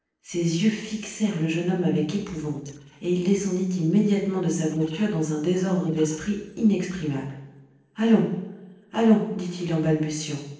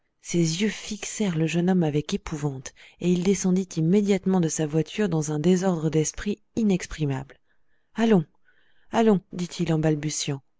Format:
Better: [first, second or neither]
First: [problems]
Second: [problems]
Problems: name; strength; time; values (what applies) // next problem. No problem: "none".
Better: second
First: noise reduction (neural separator model SepFormer DNS4)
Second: none